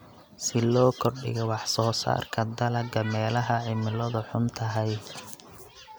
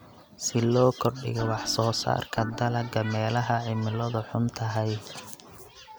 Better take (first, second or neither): first